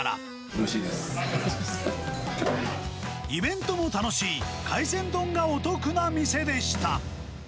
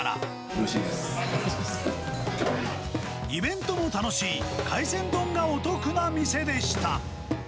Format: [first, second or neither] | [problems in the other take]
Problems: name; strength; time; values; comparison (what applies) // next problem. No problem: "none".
first | background sound (Plucked string instrument); 7 dB below the speech